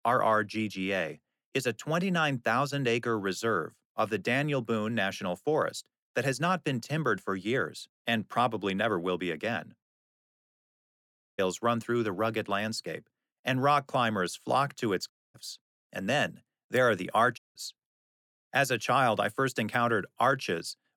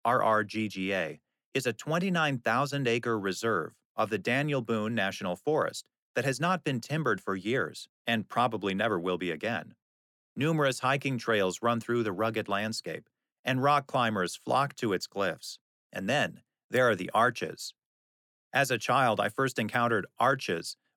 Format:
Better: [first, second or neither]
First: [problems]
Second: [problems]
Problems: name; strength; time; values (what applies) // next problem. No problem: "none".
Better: second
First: audio cutting out; at 10 s for 1 s, at 15 s and at 17 s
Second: none